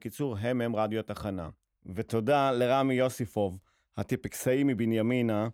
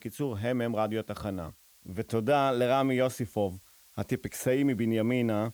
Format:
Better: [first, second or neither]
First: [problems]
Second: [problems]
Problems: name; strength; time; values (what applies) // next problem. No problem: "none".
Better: first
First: none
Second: hiss; faint; throughout; 25 dB below the speech